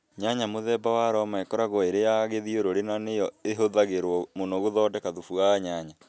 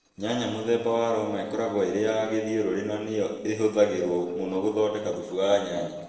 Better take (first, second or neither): first